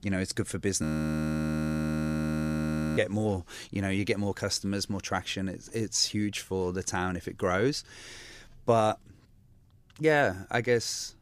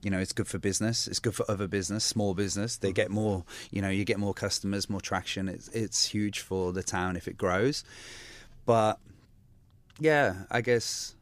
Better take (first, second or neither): second